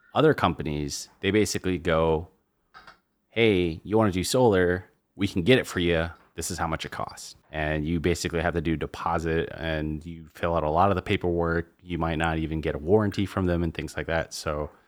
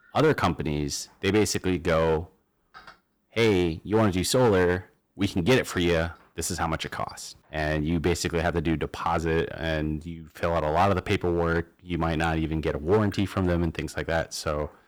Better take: first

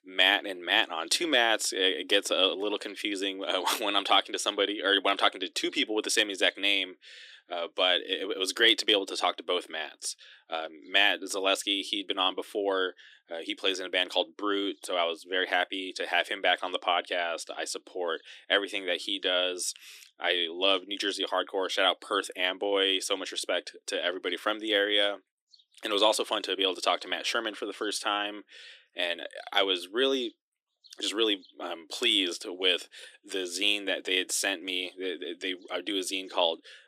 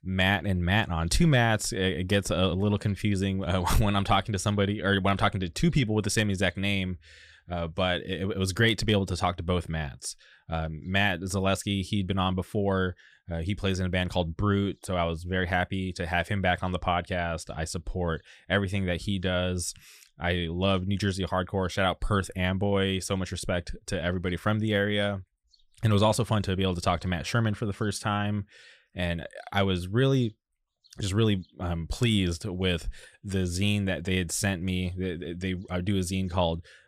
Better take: second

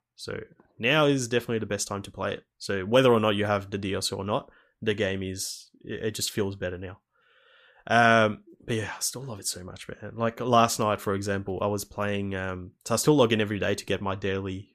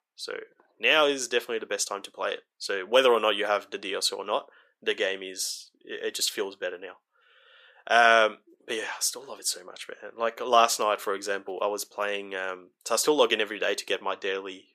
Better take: first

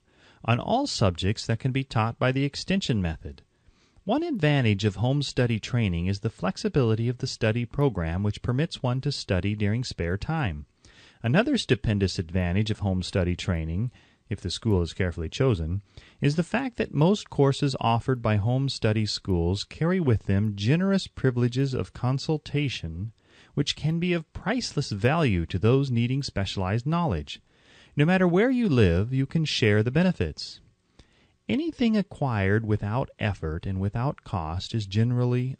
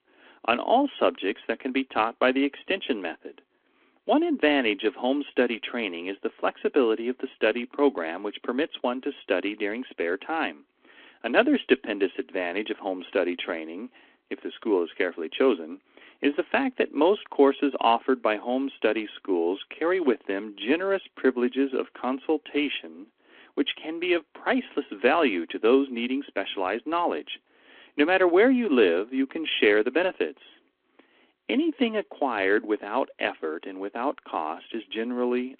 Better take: first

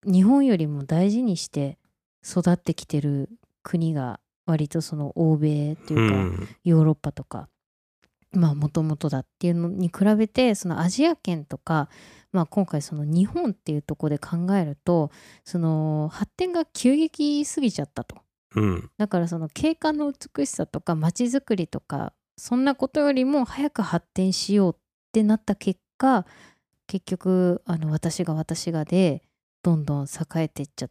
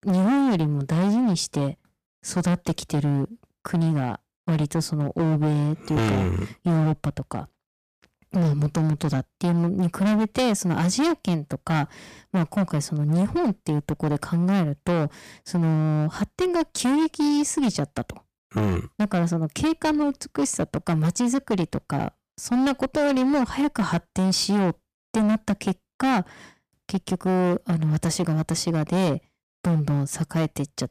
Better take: first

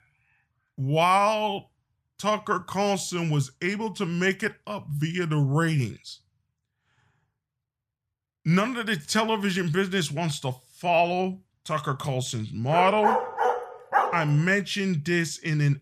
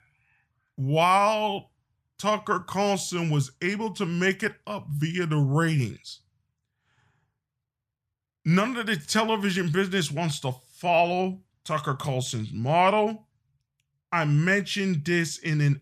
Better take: second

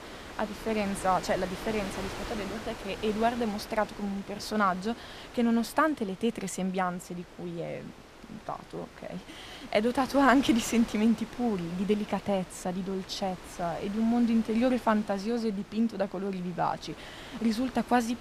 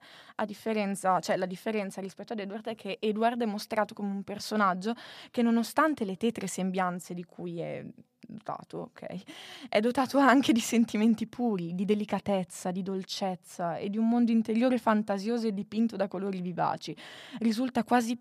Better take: second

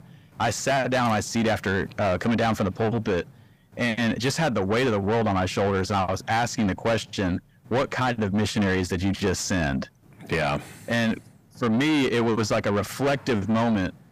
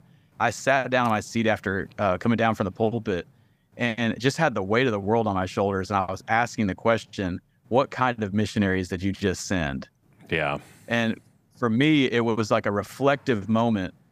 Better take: second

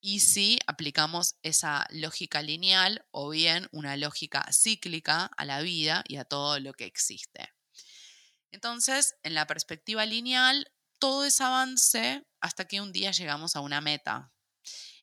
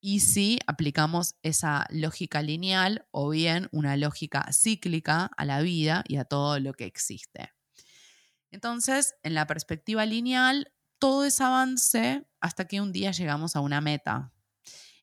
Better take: second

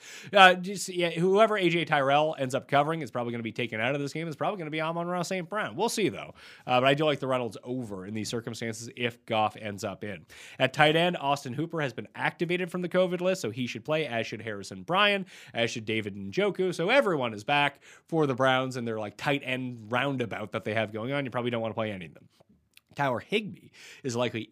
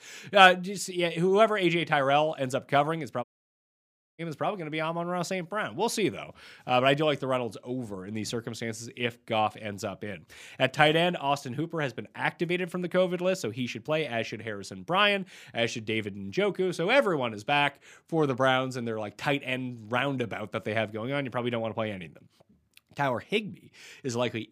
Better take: first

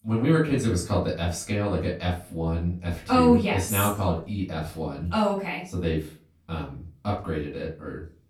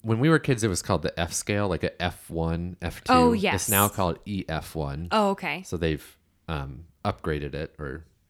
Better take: second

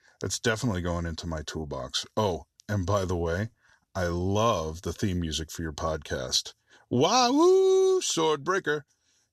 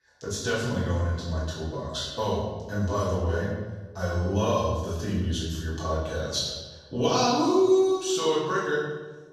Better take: first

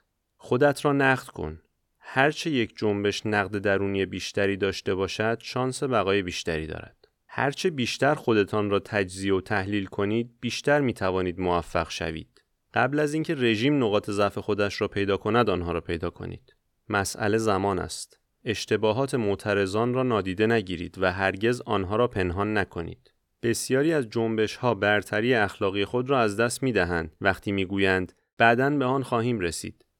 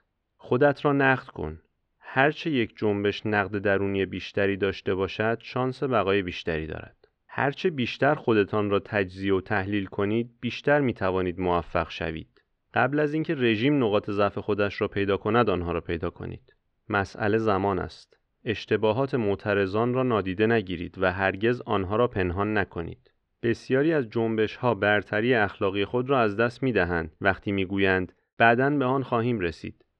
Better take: first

